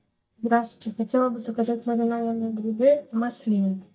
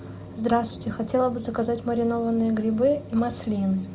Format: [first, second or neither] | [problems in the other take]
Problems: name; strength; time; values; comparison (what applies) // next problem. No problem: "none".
second | noise reduction (neural mask model DeepFilterNet 3)